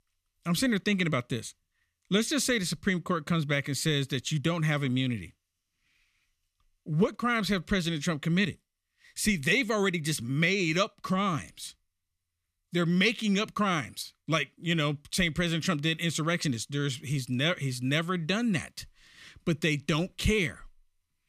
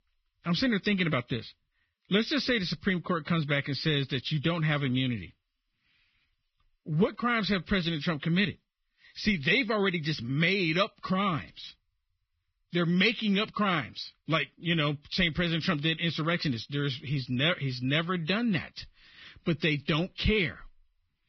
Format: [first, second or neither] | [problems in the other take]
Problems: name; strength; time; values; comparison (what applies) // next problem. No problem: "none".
first | garbled, watery; badly; nothing above 5.5 kHz